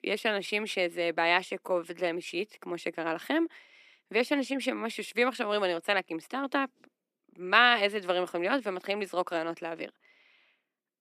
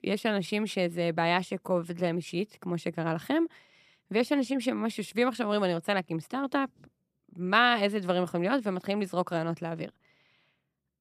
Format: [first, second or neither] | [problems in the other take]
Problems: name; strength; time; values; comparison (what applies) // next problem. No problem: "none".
second | thin; very slightly; fading below 250 Hz